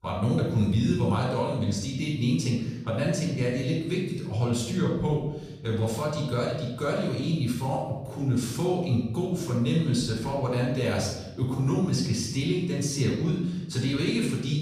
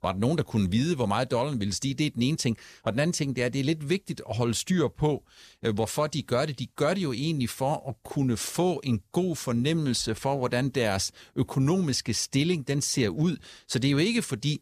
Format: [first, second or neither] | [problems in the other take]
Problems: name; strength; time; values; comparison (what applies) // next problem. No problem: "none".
second | off-mic speech; far // room echo; noticeable; dies away in 1.1 s